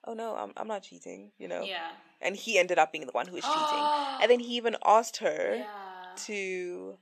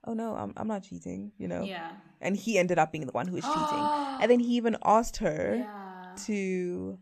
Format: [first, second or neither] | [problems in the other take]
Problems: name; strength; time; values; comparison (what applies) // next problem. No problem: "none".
second | thin; somewhat; fading below 450 Hz